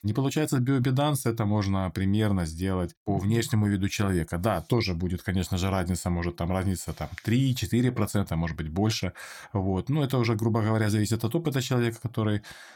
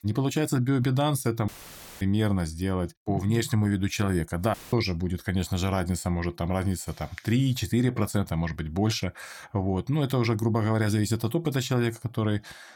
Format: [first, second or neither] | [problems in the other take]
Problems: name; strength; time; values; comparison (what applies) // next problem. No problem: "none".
first | audio cutting out; filled with static; at 1.5 s for 0.5 s and at 4.5 s